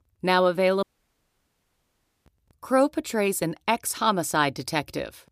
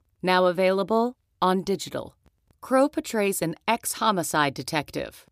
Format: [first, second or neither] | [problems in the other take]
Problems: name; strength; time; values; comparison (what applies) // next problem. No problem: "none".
second | audio cutting out; at 1 s for 1.5 s